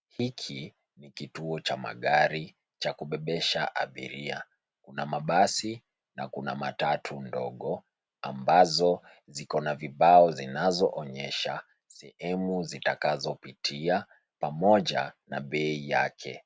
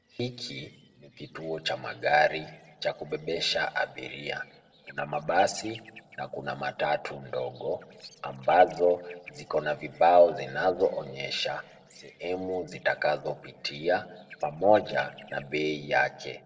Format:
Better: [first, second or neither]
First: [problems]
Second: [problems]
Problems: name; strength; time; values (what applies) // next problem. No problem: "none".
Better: first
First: none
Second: noise reduction (neural separator model SepFormer DNS4)